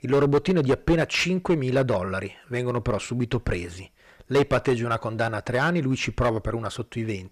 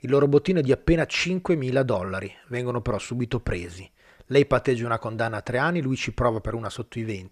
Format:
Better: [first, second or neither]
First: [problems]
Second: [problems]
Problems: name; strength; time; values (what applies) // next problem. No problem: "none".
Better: second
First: distortion; slight; 4% of the sound clipped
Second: none